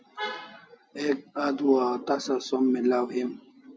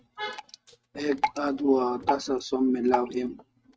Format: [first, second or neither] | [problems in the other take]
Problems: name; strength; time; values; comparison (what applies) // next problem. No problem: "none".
first | noise reduction (neural mask model RNNoise)